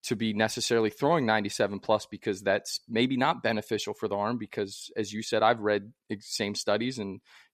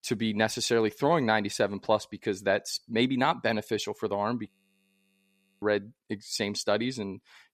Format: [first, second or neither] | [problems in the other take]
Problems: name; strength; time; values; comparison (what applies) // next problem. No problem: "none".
first | audio freezing; at 4.5 s for 1 s